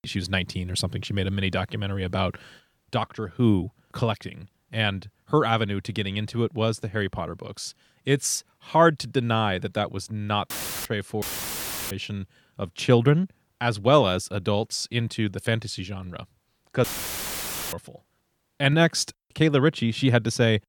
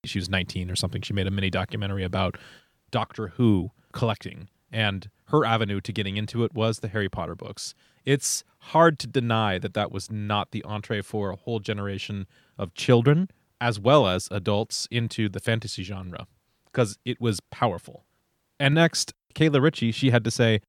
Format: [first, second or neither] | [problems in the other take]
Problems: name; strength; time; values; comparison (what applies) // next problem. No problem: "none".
second | audio cutting out; filled with static; at 11 s for 0.5 s and at 17 s for 1 s